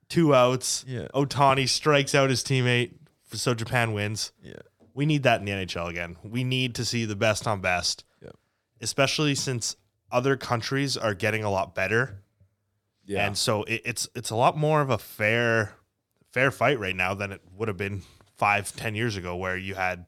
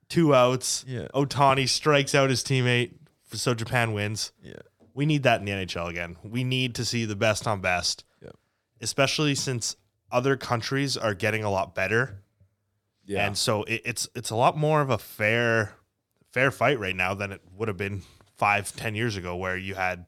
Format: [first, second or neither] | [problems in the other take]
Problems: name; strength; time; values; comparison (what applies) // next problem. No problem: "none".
neither | none